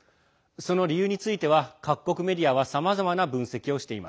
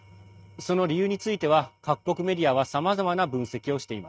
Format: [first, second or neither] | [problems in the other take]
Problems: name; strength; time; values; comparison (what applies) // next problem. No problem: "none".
first | noise reduction (neural mask model RNNoise)